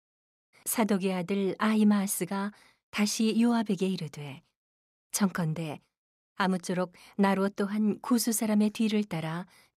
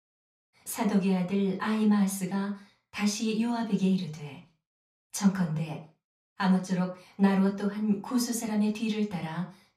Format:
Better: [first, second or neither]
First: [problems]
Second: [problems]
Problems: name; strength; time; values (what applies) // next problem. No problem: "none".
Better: first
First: none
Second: room echo; slight; dies away in 0.3 s // off-mic speech; far